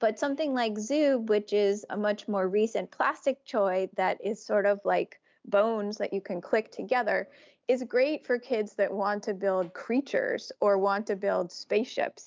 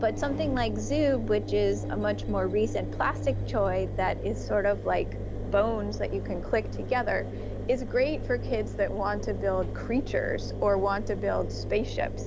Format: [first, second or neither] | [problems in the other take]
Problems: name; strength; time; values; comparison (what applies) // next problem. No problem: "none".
first | background sound (Engine); 4 dB below the speech